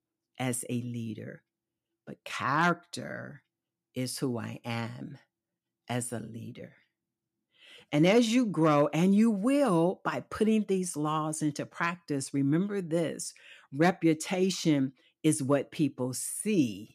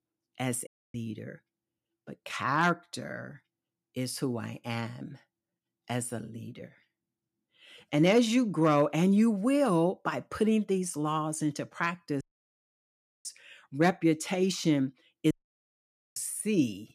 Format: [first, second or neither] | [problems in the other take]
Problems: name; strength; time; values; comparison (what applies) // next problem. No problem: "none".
first | audio cutting out; at 0.5 s, at 12 s for 1 s and at 15 s for 1 s